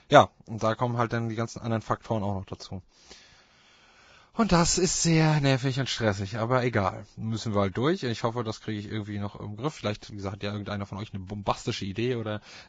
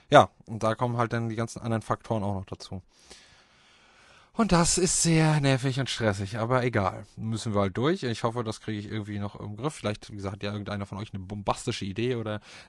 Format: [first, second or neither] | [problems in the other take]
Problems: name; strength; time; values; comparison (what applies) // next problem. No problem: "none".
second | garbled, watery; badly; nothing above 7.5 kHz; slightly in the second